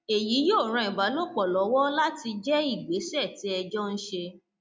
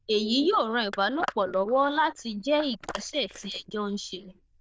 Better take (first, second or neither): first